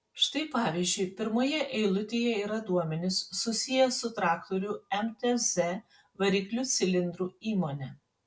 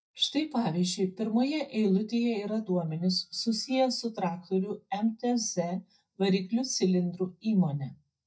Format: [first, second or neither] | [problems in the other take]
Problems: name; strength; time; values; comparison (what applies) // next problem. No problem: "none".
first | noise reduction (neural mask model DeepFilterNet 3)